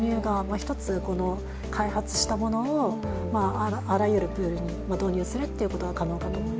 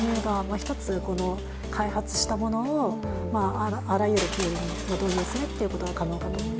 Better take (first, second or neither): first